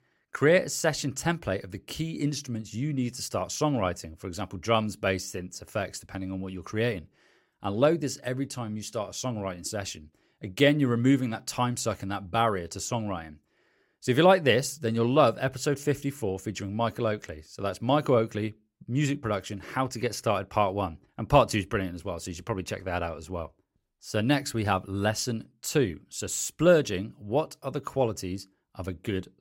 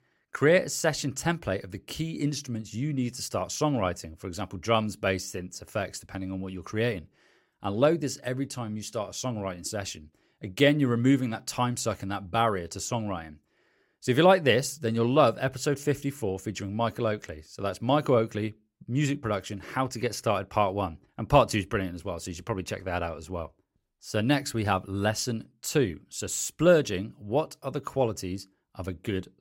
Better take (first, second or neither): neither